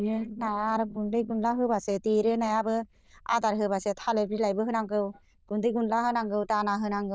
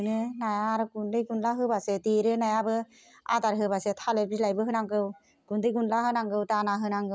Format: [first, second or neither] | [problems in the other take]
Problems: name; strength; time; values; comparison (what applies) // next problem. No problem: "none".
second | noise reduction (neural diffusion model UNIVERSE++)